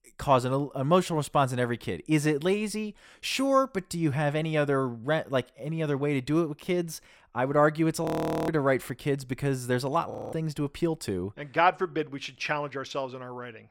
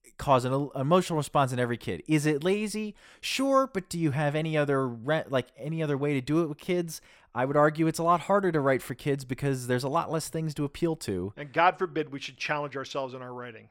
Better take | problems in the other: second | audio freezing; at 8 s and at 10 s

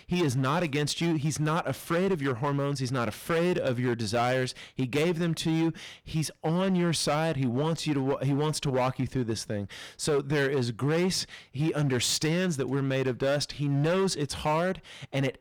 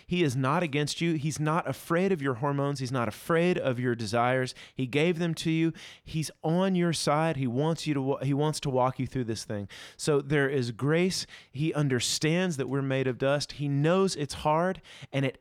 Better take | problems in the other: second | distortion; slight; 12% of the sound clipped

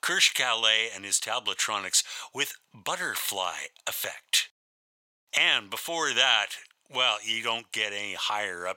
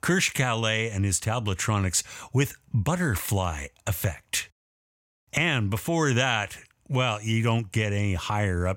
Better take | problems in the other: second | thin; very; fading below 700 Hz

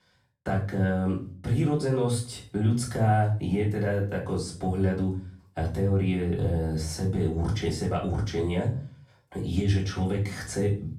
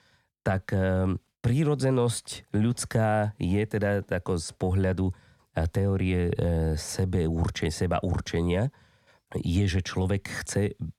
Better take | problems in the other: second | room echo; slight; dies away in 0.4 s // off-mic speech; far

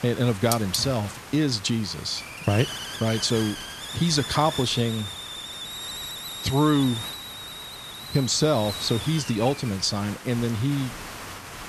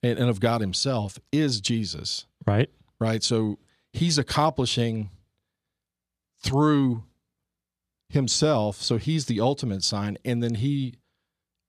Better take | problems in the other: second | hiss; loud; throughout; 9 dB below the speech

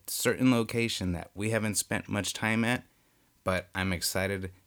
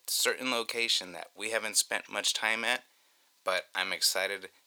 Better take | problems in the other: first | thin; very; fading below 650 Hz

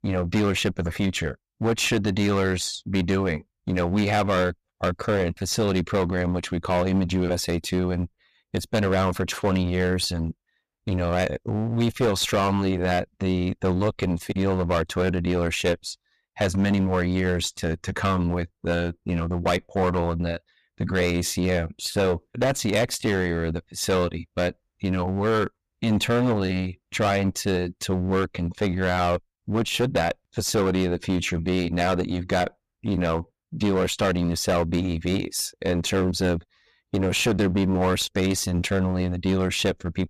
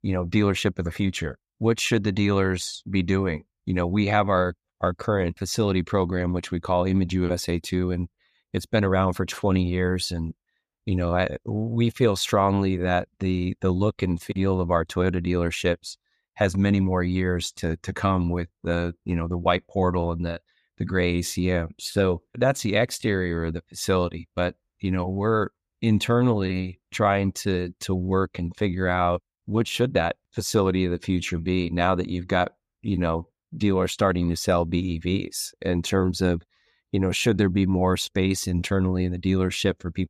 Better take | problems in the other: second | distortion; heavy; 13% of the sound clipped

